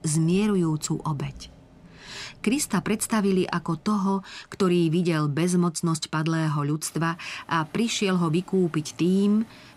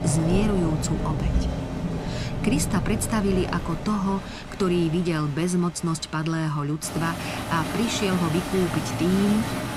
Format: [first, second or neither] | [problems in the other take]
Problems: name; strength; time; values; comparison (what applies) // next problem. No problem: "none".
first | rain or running water; loud; throughout; 4 dB below the speech; faint in the first